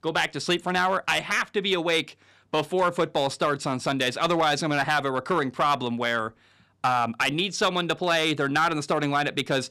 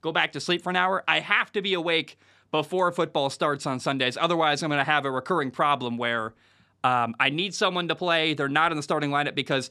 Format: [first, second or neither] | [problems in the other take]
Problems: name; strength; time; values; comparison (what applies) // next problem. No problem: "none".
second | distortion; slight; 3% of the sound clipped